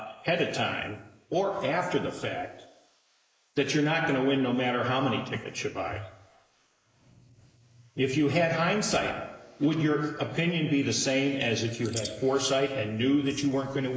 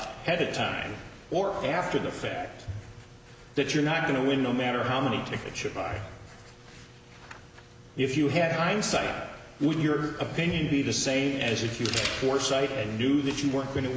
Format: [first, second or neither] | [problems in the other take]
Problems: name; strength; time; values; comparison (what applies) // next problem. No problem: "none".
second | noise reduction (neural mask model Resemble Enhance denoiser)